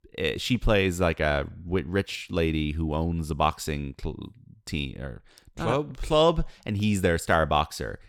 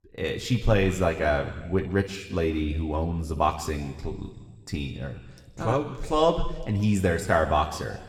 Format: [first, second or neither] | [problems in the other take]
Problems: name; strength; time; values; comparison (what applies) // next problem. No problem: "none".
first | room echo; slight; dies away in 1.2 s